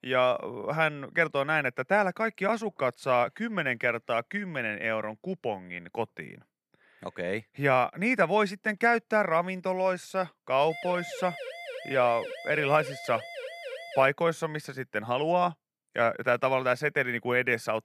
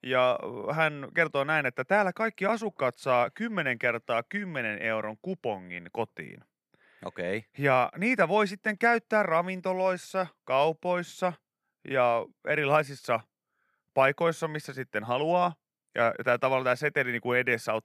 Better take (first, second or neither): second